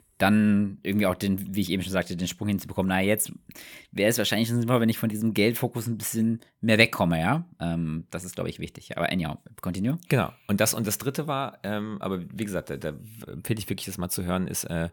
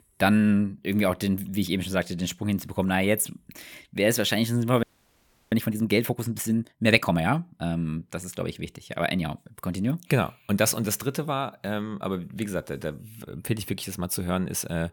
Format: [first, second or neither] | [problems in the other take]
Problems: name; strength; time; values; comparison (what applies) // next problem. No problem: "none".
first | audio freezing; at 5 s for 0.5 s